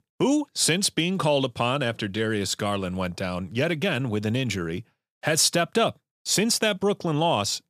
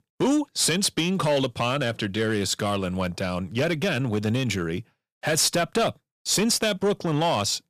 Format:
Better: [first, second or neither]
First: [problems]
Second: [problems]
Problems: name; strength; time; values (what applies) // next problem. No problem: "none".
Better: first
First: none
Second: distortion; slight; 6% of the sound clipped